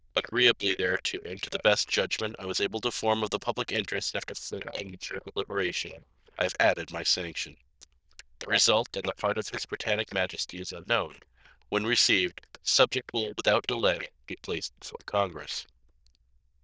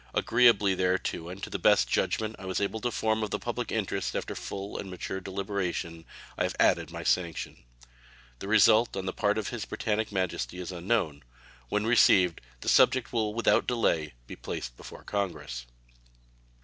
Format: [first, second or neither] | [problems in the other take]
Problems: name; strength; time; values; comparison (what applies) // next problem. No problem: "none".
second | noise reduction (neural diffusion model UNIVERSE++)